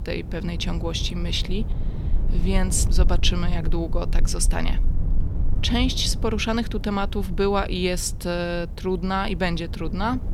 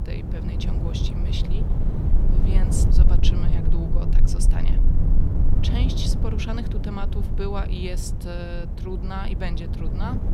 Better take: first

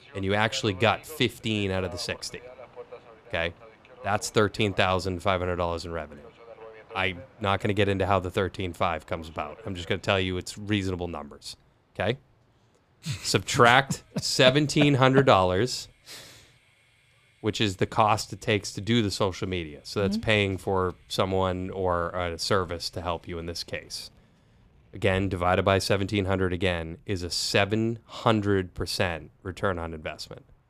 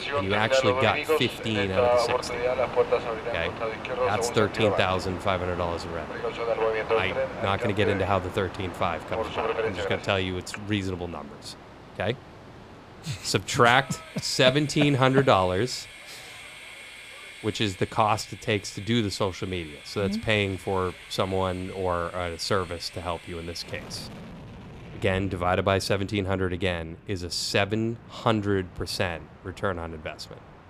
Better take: first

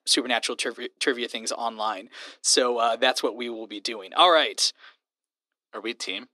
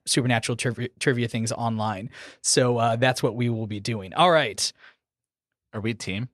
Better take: second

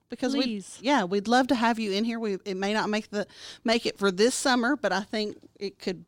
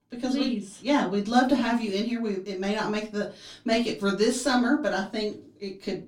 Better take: first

